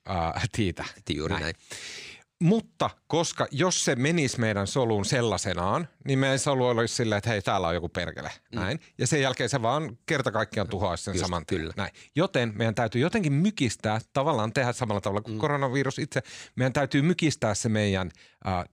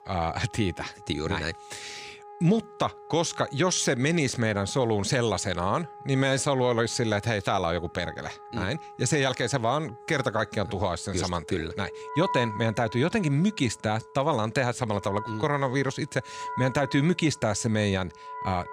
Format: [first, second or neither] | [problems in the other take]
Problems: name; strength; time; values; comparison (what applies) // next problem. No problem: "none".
first | background music; noticeable; throughout; 15 dB below the speech